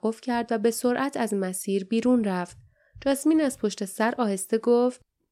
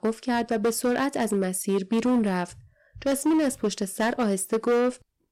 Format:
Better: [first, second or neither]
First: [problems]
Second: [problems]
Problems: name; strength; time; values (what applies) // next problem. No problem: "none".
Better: first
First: none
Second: distortion; slight; 11% of the sound clipped